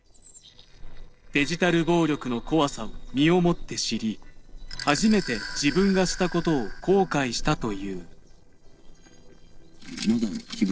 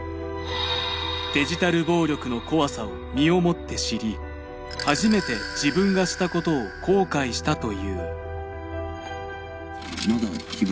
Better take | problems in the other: second | noise reduction (neural separator model SepFormer DNS4)

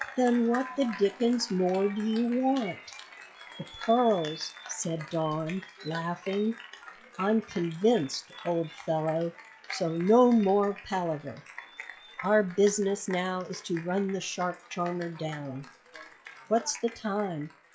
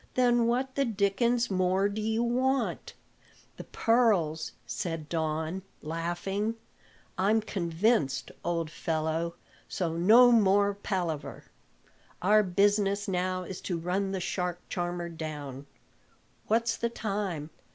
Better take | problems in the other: second | noise reduction (classical method log-MMSE)

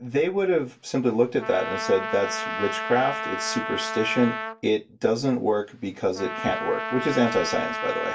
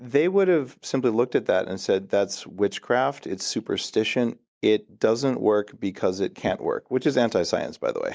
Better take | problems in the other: second | background sound (Trumpet); 7 dB below the speech // room echo; dies away in 0.2 s

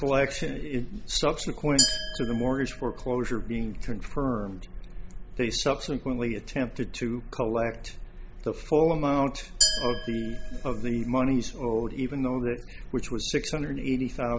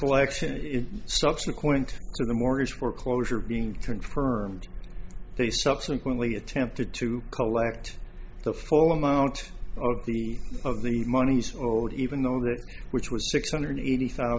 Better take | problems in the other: second | background sound (Glass); 5 dB below the speech

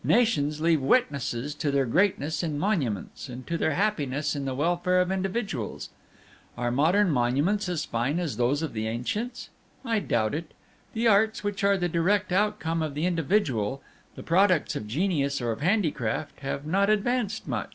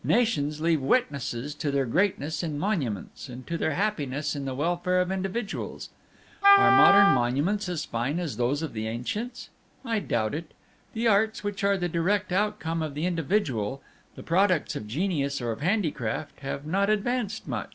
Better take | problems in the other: first | background sound (Wind instrument, woodwind instrument); 4 dB above the speech

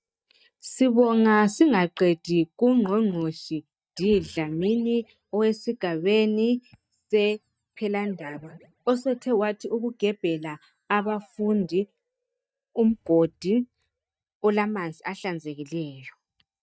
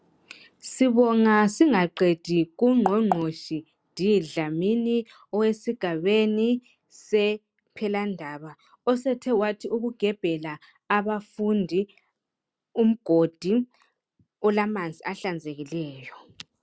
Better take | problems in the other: second | noise reduction (neural mask model DeepFilterNet 3)

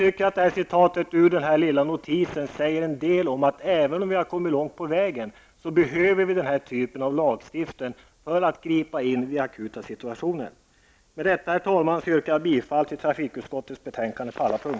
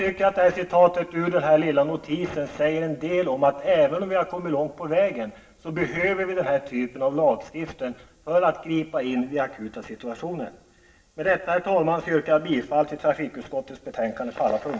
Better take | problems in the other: first | room echo; dies away in 0.7 s

